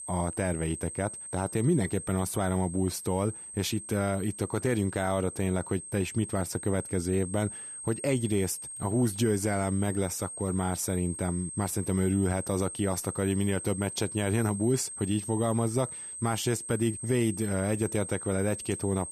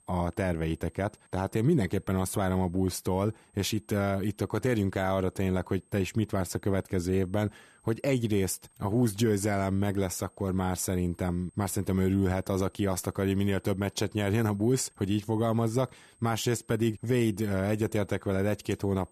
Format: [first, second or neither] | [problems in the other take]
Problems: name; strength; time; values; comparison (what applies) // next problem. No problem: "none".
second | high-pitched whine; loud; throughout; 8.5 kHz, 8 dB below the speech; faint in the second